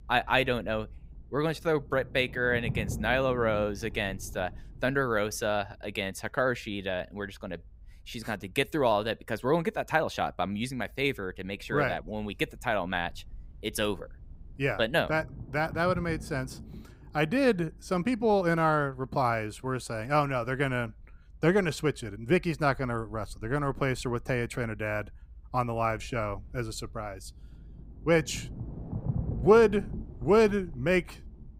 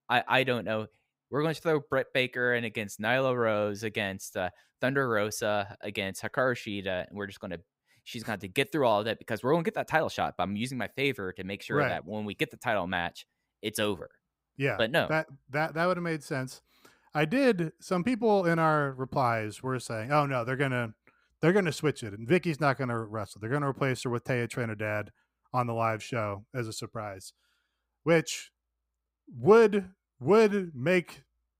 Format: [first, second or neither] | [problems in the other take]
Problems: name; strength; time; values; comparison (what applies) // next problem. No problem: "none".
second | low rumble; faint; throughout; 20 dB below the speech